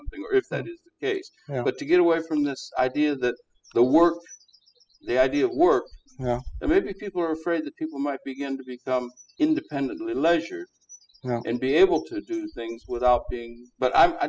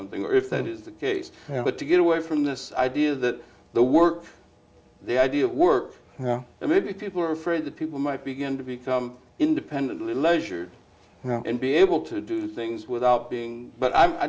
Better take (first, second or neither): second